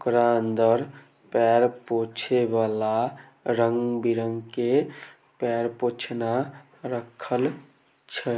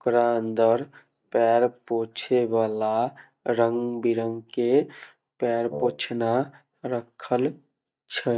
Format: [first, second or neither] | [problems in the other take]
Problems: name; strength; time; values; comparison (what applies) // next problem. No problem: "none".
first | noise reduction (neural mask model DeepFilterNet 3)